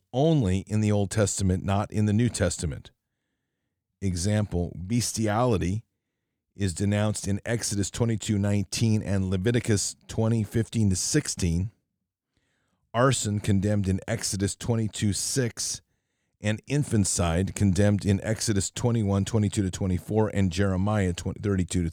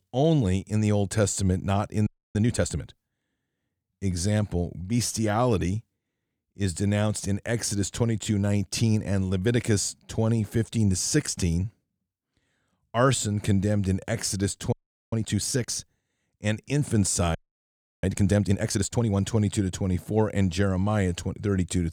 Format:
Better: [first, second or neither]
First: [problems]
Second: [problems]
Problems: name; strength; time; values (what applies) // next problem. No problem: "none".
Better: first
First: none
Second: audio freezing; at 2 s, at 15 s and at 17 s for 0.5 s